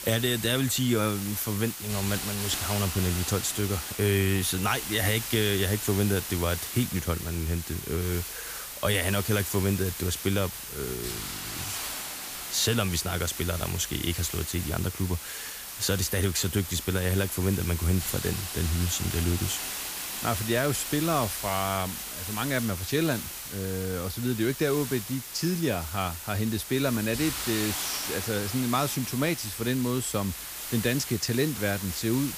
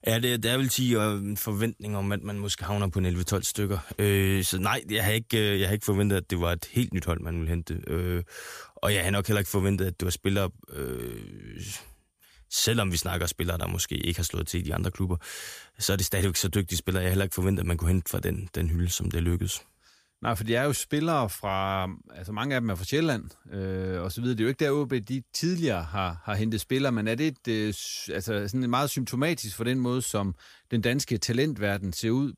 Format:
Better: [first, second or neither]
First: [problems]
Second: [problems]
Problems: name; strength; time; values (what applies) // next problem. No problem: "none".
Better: second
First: hiss; loud; throughout; 6 dB below the speech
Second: none